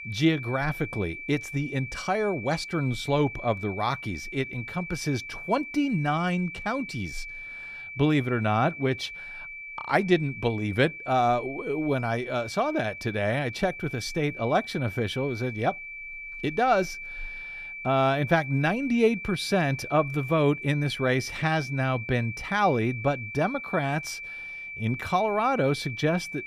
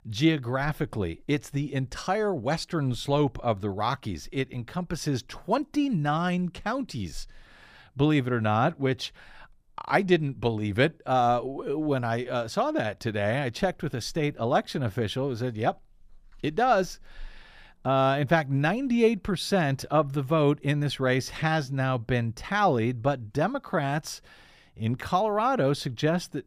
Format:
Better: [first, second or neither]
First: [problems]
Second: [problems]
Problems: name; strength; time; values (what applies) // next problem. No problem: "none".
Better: second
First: high-pitched whine; loud; throughout; 2.5 kHz, 10 dB below the speech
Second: none